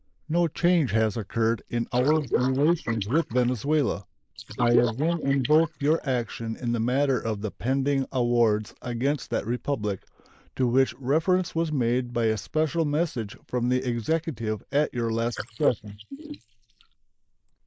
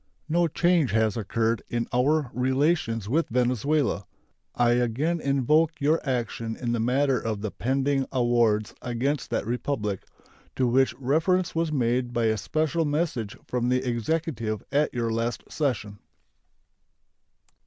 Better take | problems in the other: second | noise reduction (neural mask model Resemble Enhance denoiser)

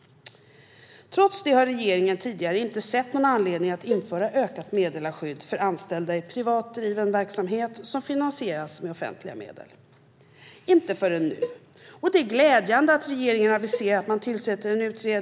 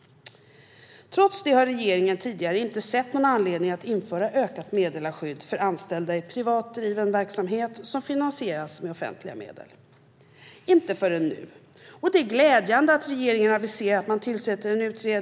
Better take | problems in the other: second | background sound (Cowbell); 12 dB below the speech

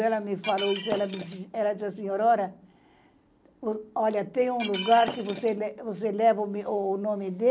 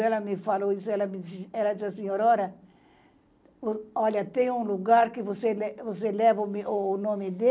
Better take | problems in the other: second | background sound (Shatter); 11 dB below the speech

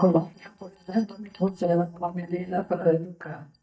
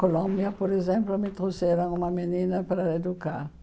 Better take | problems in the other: second | noise reduction (neural mask model DeepFilterNet 3)

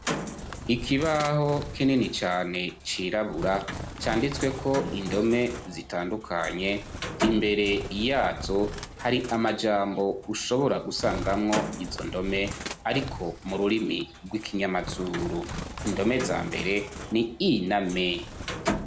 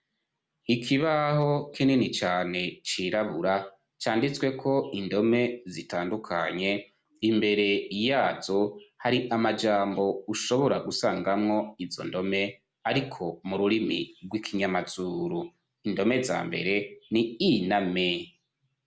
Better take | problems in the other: second | background sound (Bird); 9 dB below the speech

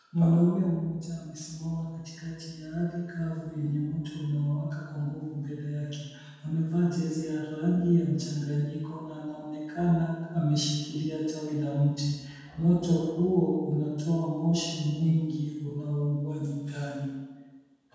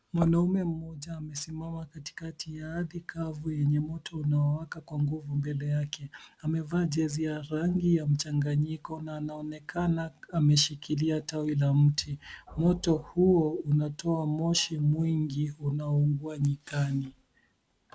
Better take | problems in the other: second | room echo; dies away in 1.2 s

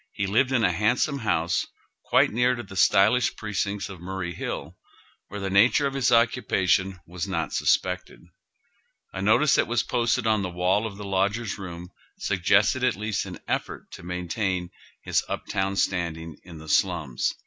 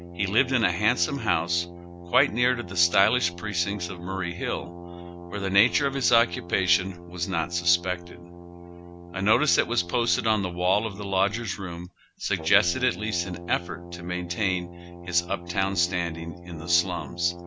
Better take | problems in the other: first | background sound (Brass instrument); 12 dB below the speech

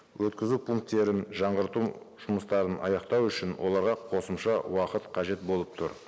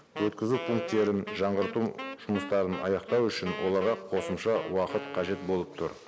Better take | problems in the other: first | background sound (Wind instrument, woodwind instrument); 11 dB below the speech

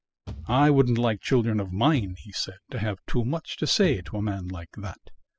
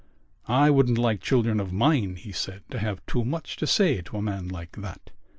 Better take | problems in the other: second | noise reduction (classical method spectral subtraction)

